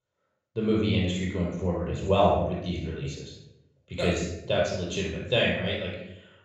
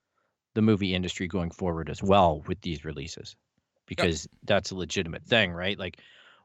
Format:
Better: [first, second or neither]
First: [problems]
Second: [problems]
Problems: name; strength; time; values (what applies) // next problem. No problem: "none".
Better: second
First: off-mic speech; far // room echo; strong; dies away in 0.7 s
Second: none